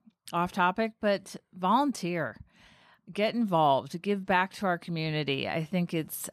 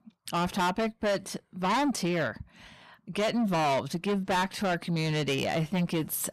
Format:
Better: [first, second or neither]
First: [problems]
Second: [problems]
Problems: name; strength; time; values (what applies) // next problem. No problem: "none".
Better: first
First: none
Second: distortion; heavy; 6 dB below the speech